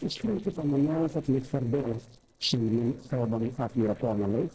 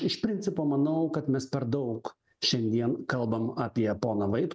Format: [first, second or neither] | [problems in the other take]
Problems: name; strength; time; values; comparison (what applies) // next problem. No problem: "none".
second | noise reduction (neural separator model SepFormer DNS4)